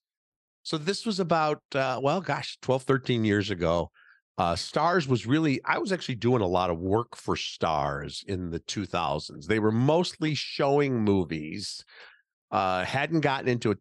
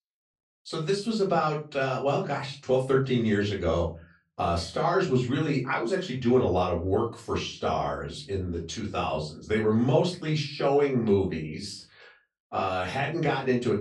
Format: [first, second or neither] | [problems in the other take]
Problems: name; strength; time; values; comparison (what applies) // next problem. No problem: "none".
first | off-mic speech; far // room echo; slight; dies away in 0.3 s